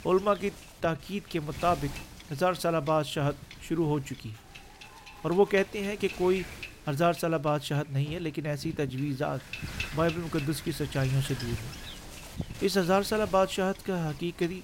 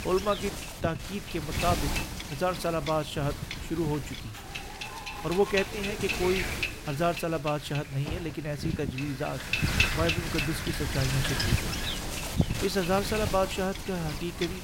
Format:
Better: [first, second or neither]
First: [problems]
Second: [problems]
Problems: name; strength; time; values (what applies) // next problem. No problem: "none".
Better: first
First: wind noise on the microphone; occasional gusts; 15 dB below the speech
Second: wind noise on the microphone; heavy; 2 dB below the speech